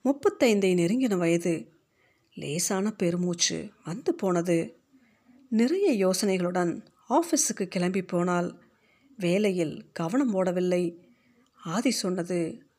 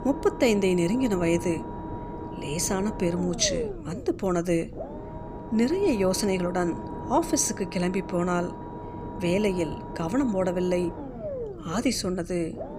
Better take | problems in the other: first | low rumble; loud; throughout; 9 dB below the speech

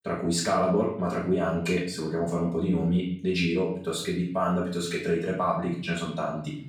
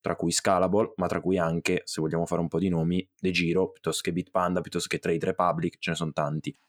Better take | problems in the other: second | off-mic speech; far // room echo; noticeable; dies away in 0.5 s

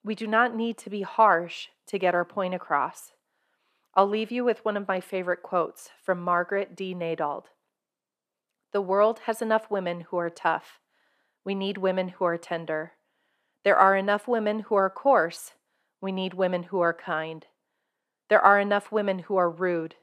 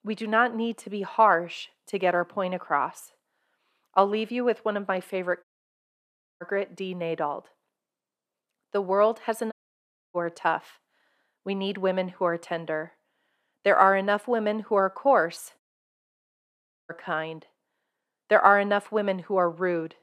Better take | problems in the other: first | audio cutting out; at 5.5 s for 1 s, at 9.5 s for 0.5 s and at 16 s for 1.5 s

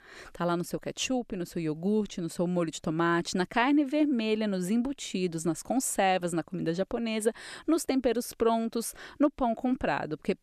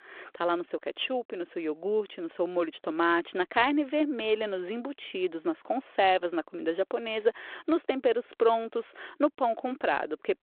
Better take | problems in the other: first | phone-call audio

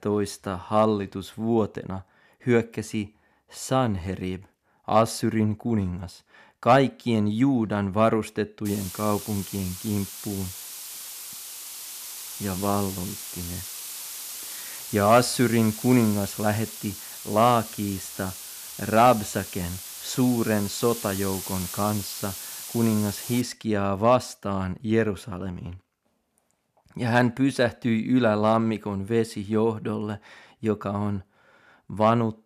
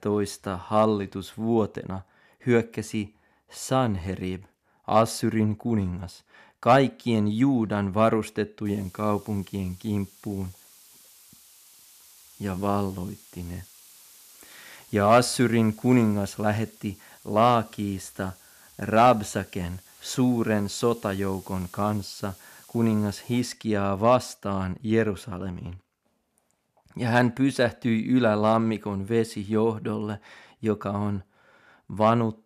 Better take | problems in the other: second | hiss; loud; from 8.5 to 23 s; 10 dB below the speech; faint in the second

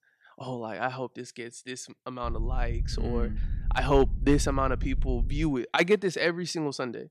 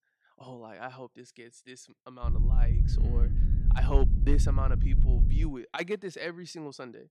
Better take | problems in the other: first | low rumble; loud; from 2.5 to 5.5 s; 6 dB below the speech; faint in the first

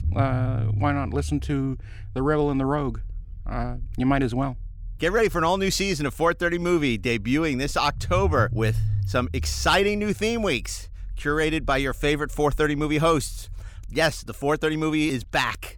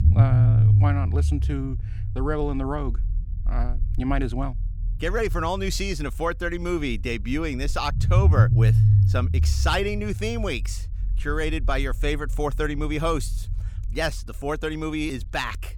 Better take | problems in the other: first | low rumble; loud; throughout; 7 dB below the speech; faint in the first

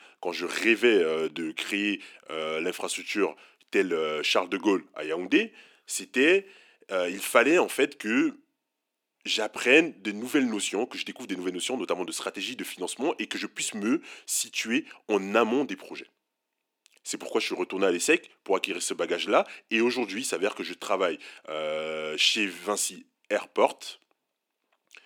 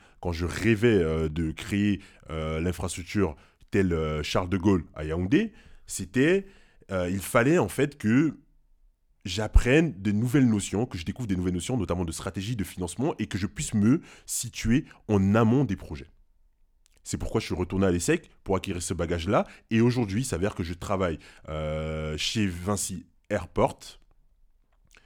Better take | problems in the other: second | thin; somewhat; fading below 300 Hz

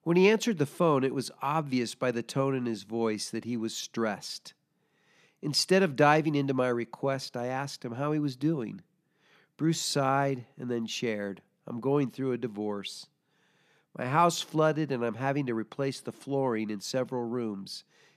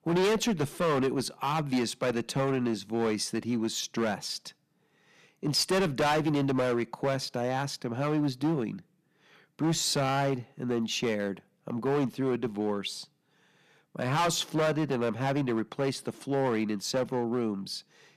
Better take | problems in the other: first | distortion; heavy; 10% of the sound clipped

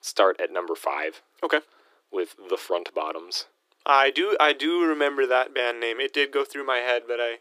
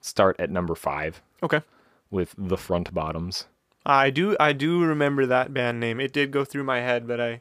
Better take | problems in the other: second | thin; very; fading below 300 Hz

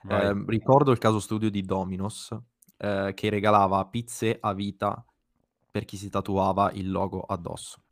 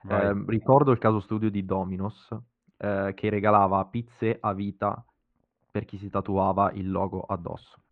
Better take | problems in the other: first | muffled; very; fading above 2.5 kHz

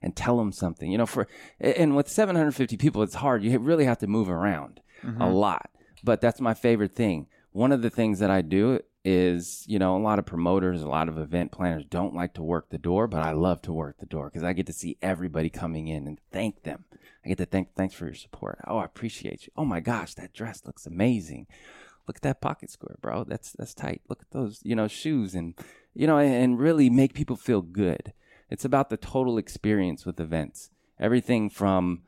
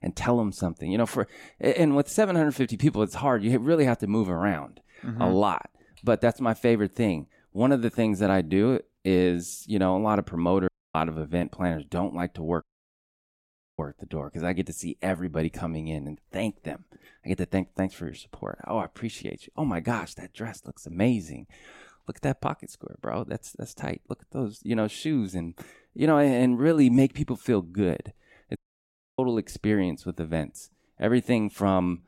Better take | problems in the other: first | audio cutting out; at 11 s, at 13 s for 1 s and at 29 s for 0.5 s

